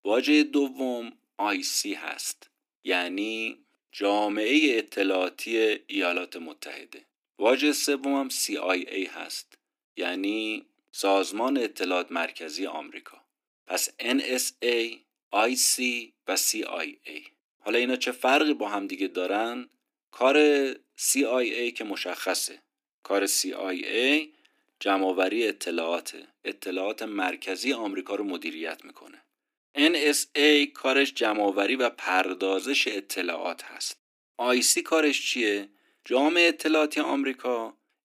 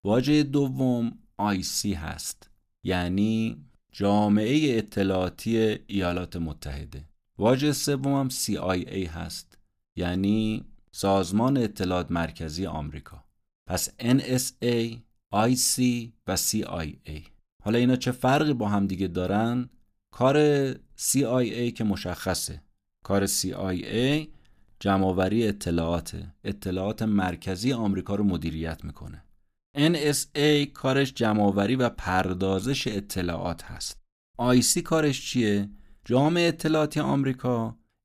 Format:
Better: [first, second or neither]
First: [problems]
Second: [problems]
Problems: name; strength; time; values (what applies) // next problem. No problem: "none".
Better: second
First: thin; very slightly; fading below 300 Hz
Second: none